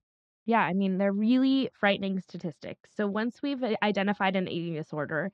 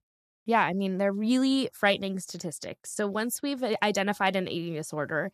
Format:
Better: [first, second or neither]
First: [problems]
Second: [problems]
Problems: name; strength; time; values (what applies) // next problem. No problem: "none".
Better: second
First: muffled; slightly; fading above 3.5 kHz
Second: none